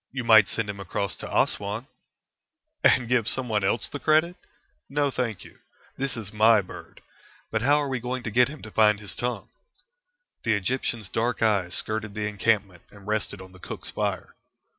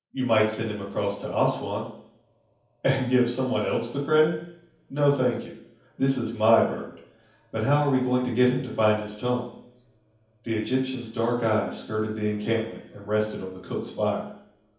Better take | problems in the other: first | room echo; dies away in 0.7 s

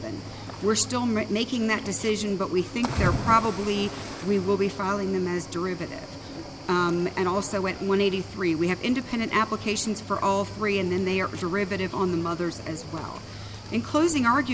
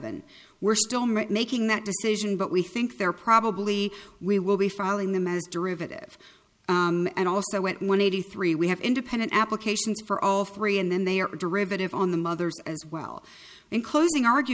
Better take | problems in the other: second | background sound (Cricket / Waves, surf); 10 dB below the speech

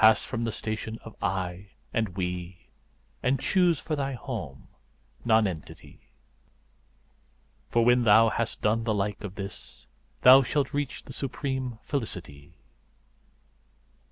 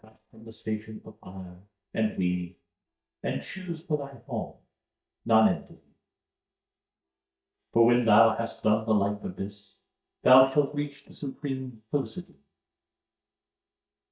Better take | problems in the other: first | noise reduction (neural mask model DeepFilterNet 3)

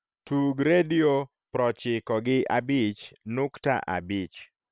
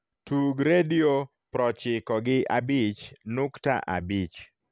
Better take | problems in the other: second | noise reduction (neural separator model SepFormer WHAM!)

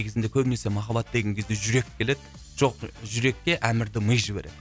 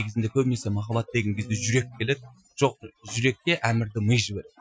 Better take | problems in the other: first | noise reduction (classical method Wiener filter)

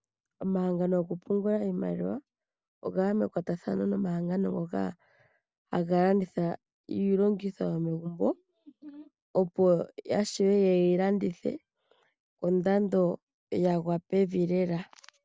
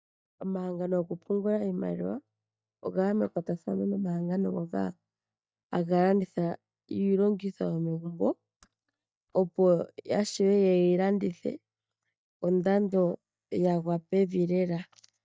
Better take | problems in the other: first | noise reduction (neural mask model DeepFilterNet 3)

